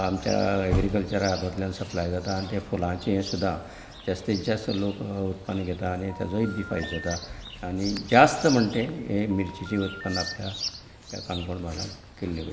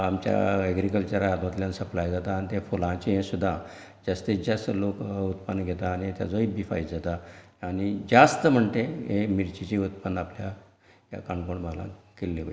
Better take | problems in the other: second | background sound (Chirp, tweet + Telephone); 11 dB below the speech

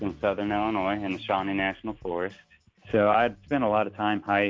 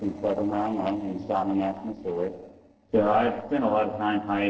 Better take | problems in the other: first | noise reduction (neural separator model SepFormer DNS4)

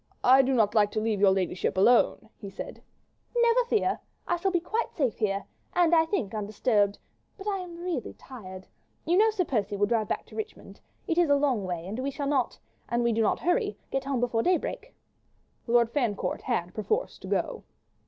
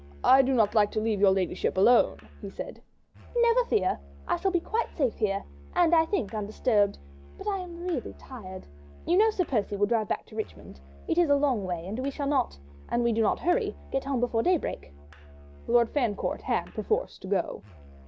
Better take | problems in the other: first | background sound (Musical instrument); 20 dB below the speech

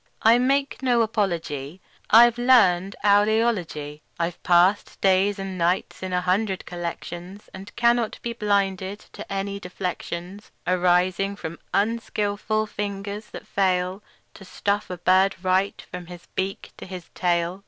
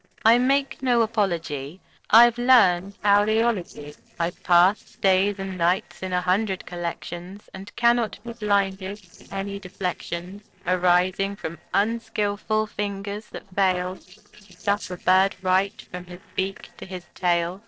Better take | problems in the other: first | noise reduction (neural separator model SepFormer DNS4)

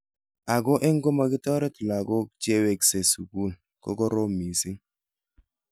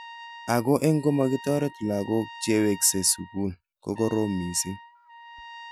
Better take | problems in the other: first | background sound (Trumpet); 18 dB below the speech

